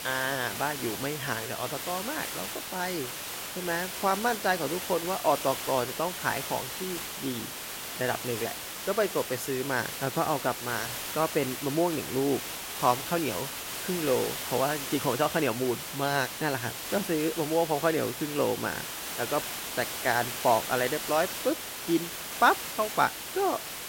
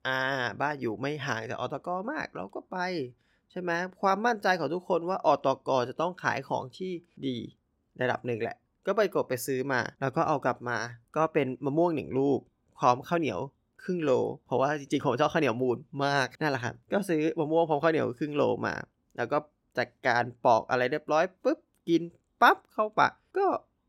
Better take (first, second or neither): second